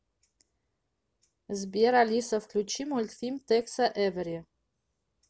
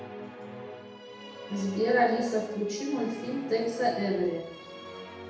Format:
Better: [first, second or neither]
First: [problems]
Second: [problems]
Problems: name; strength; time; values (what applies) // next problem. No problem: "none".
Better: first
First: none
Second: background sound (Musical instrument); 12 dB below the speech // room echo; dies away in 0.8 s